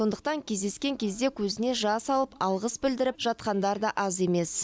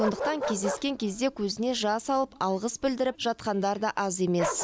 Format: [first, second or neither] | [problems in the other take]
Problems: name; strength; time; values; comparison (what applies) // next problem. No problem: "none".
first | background sound (Bark); 9 dB below the speech